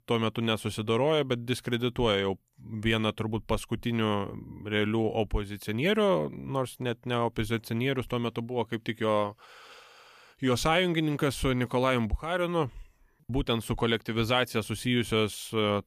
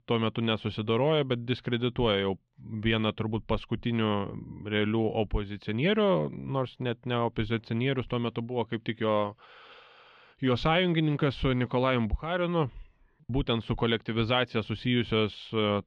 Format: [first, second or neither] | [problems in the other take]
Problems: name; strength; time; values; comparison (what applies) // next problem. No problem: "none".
first | muffled; slightly; fading above 3.5 kHz